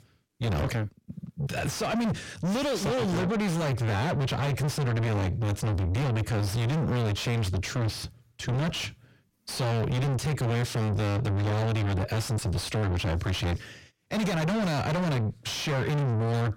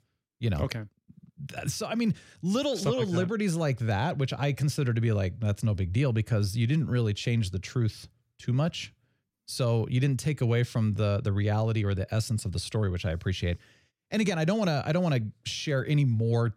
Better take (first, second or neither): second